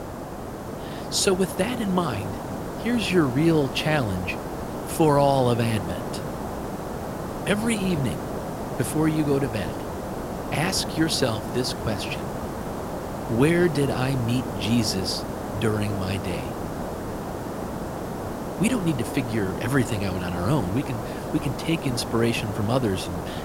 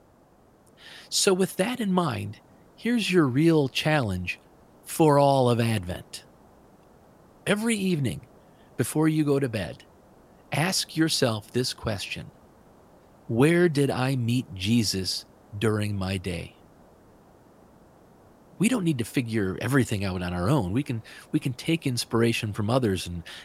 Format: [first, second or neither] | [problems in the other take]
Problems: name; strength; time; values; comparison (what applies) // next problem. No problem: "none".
second | hiss; loud; throughout; 7 dB below the speech; faint in the second